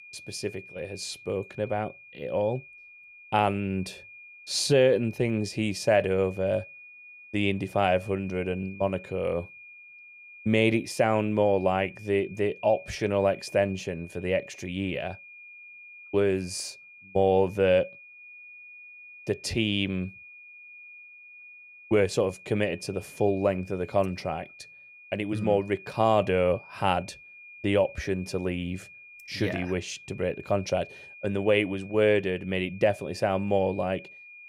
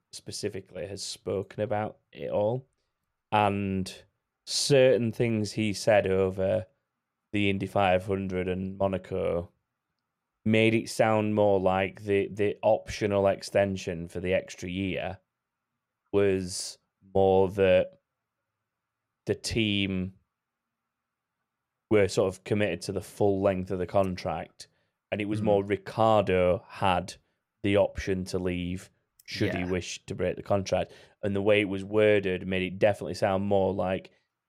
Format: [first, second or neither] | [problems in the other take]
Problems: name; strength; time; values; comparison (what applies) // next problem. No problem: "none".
second | high-pitched whine; noticeable; throughout; 2.5 kHz, 20 dB below the speech